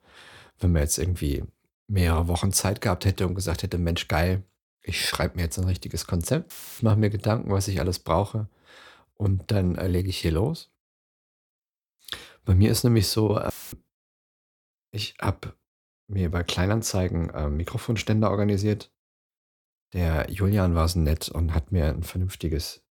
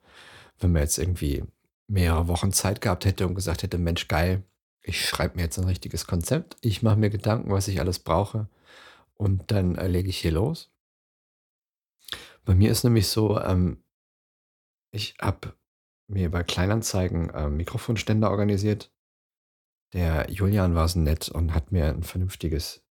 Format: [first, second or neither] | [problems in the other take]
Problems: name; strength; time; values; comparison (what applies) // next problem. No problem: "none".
second | audio cutting out; filled with static; at 6.5 s and at 14 s